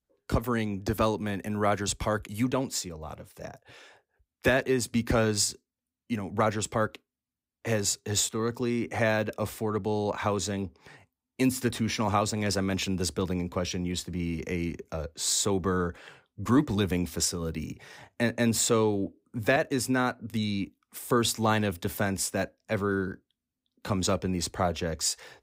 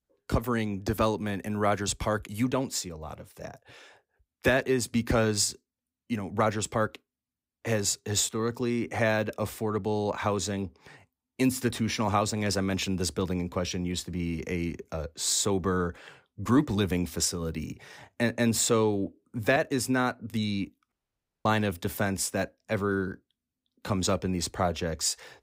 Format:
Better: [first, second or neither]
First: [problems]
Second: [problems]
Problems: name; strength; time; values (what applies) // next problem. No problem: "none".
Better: first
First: none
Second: audio cutting out; at 21 s for 0.5 s